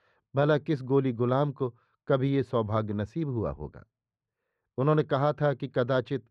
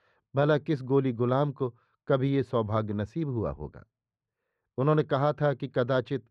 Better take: neither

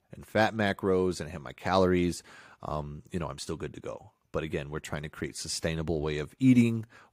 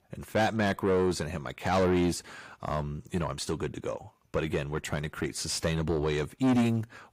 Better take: first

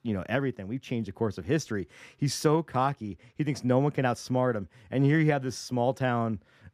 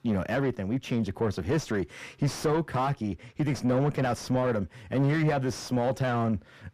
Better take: first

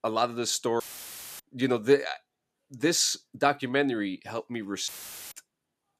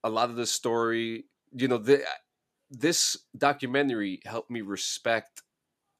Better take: second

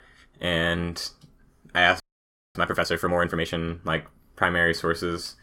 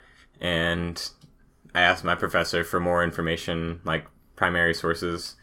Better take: second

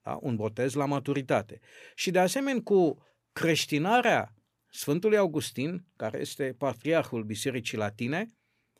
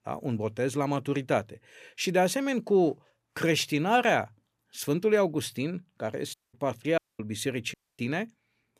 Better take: first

